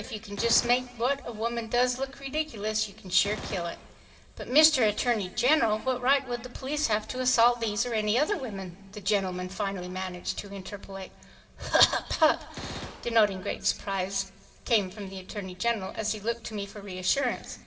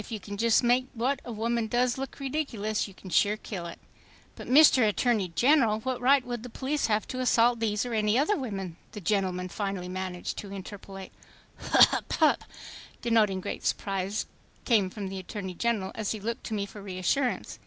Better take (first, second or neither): second